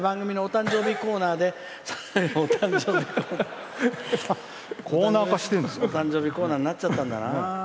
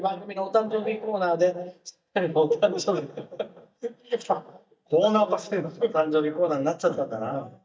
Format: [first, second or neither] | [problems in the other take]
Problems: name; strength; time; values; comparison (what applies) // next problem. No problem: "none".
first | noise reduction (neural mask model DeepFilterNet 3)